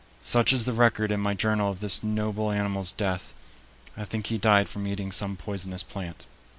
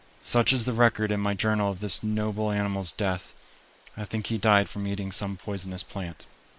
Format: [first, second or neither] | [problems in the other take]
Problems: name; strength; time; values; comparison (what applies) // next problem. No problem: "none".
first | noise reduction (neural mask model Resemble Enhance denoiser)